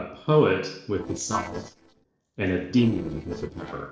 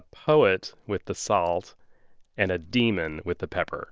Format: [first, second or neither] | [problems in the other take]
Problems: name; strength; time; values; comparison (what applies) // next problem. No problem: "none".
second | noise reduction (neural separator model SepFormer DNS4)